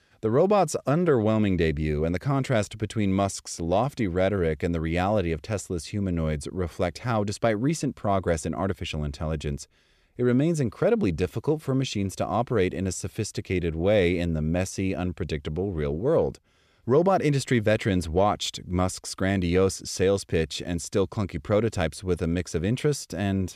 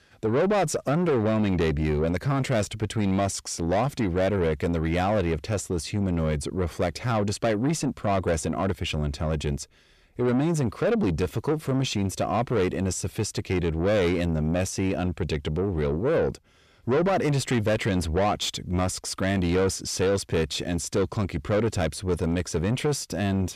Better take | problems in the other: first | distortion; slight; 10 dB below the speech

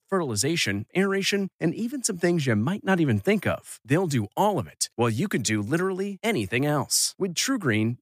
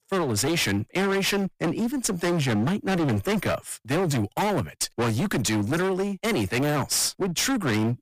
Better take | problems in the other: first | distortion; heavy; 33% of the sound clipped

